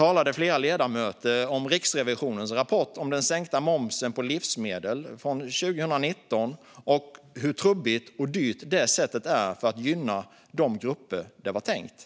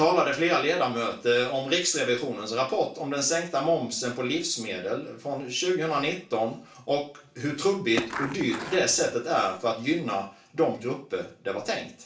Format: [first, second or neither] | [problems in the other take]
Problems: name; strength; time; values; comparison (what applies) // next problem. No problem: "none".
first | background sound (Skateboard); 8 dB below the speech // room echo; dies away in 0.3 s